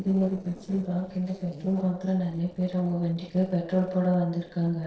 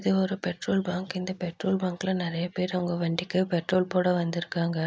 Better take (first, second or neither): second